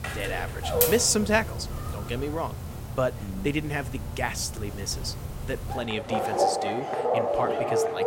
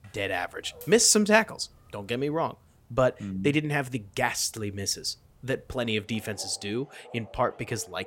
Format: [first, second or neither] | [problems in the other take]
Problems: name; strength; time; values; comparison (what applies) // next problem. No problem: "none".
second | animal sounds; loud; throughout; as loud as the speech; faint in the second